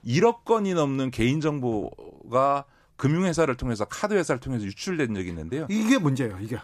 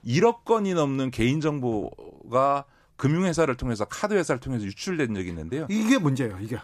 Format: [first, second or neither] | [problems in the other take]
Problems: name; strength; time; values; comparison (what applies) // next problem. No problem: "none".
neither | none